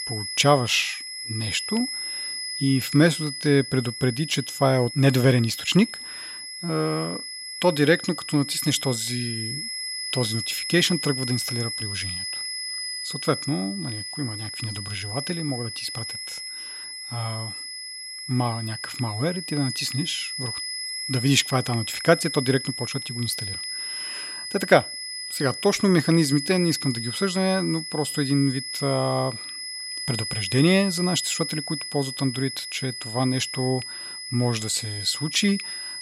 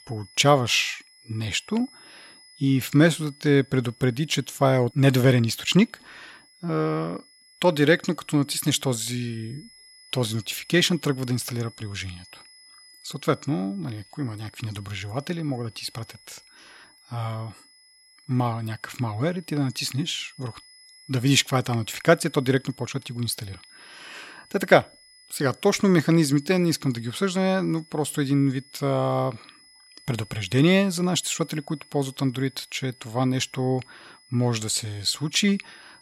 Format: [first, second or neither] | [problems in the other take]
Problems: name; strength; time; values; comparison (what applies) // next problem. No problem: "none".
second | high-pitched whine; loud; throughout; 5 kHz, 6 dB below the speech; faint in the second